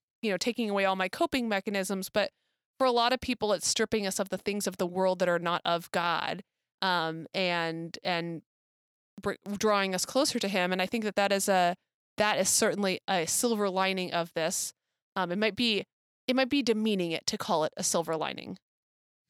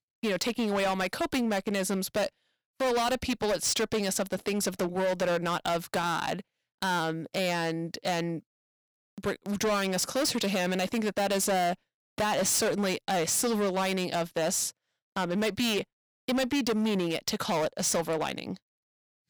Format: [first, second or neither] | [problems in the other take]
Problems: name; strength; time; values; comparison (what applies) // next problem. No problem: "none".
first | distortion; heavy; 16% of the sound clipped